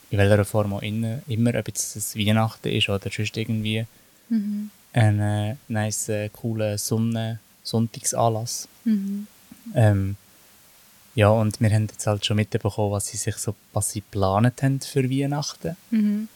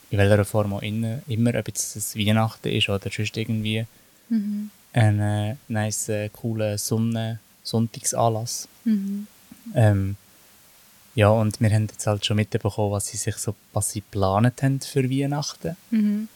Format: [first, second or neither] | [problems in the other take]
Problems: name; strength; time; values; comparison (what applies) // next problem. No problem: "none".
neither | hiss; faint; throughout; 25 dB below the speech; the same in both